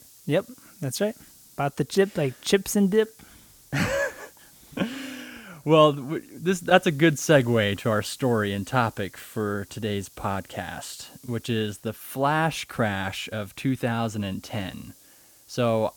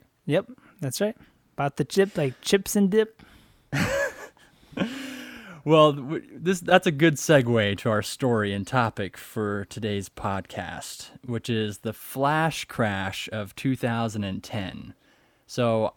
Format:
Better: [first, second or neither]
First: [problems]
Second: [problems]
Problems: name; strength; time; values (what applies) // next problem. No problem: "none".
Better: second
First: hiss; faint; throughout; 25 dB below the speech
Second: none